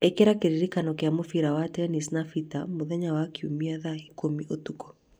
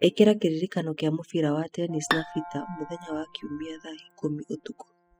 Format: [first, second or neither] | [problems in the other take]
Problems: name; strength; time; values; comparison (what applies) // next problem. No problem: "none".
first | noise reduction (classical method spectral subtraction)